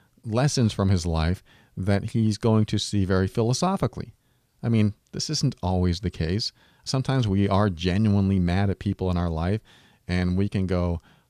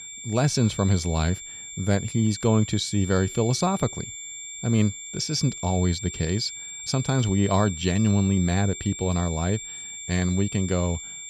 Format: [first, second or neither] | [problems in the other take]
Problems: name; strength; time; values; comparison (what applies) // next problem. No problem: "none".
first | high-pitched whine; loud; throughout; 7.5 kHz, 10 dB below the speech